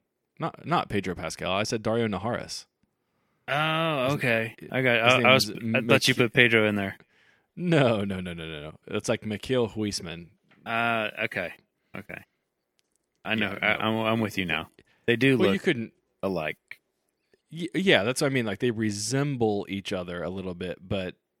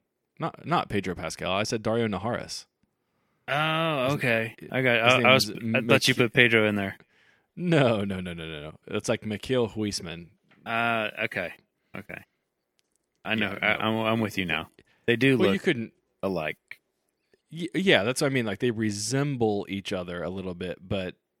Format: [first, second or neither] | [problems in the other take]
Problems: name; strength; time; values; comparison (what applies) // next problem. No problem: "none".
neither | none